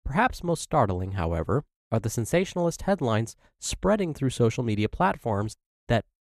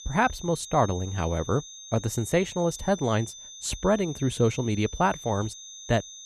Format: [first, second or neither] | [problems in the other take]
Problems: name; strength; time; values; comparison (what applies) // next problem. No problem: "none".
first | high-pitched whine; noticeable; throughout; 6.5 kHz, 15 dB below the speech